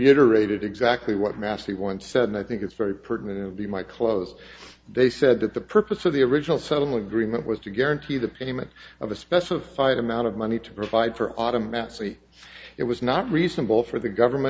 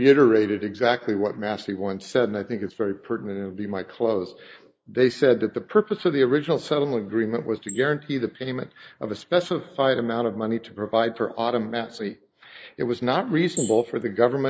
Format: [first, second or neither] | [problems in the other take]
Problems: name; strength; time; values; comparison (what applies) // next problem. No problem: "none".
first | noise reduction (neural mask model Resemble Enhance denoiser)